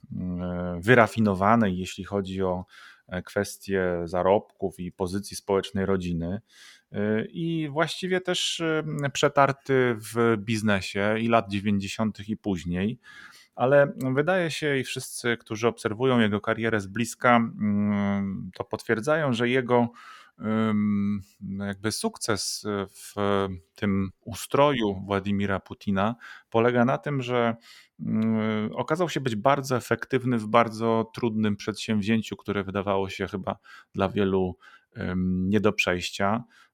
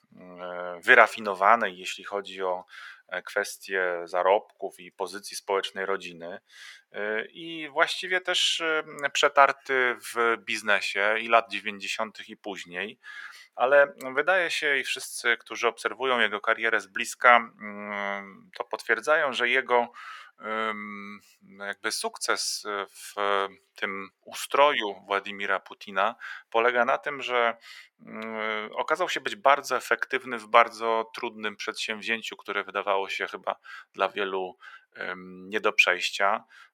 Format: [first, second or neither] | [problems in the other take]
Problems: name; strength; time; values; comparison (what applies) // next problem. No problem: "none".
first | thin; very; fading below 600 Hz